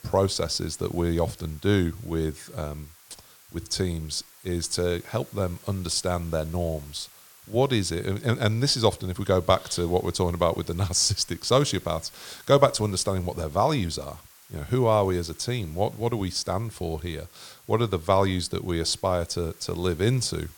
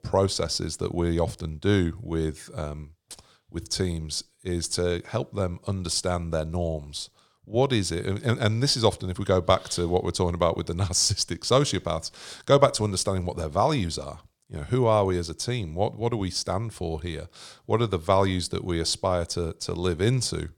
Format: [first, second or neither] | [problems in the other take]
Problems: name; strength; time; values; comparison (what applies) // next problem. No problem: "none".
second | hiss; faint; throughout; 25 dB below the speech